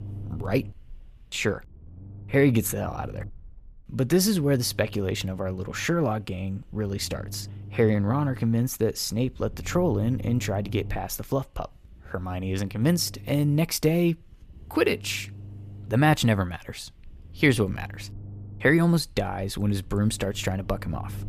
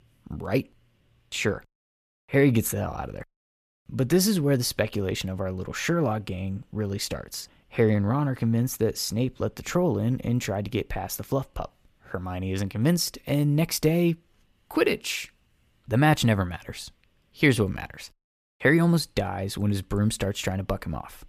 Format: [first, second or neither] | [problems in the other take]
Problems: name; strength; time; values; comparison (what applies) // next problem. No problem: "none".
second | low rumble; faint; throughout; 25 dB below the speech